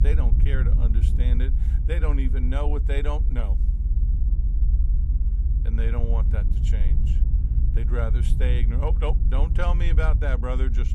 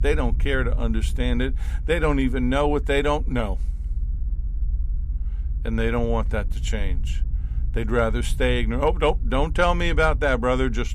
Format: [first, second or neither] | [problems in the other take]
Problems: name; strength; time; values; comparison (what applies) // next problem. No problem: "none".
second | low rumble; loud; throughout; 8 dB below the speech; faint in the second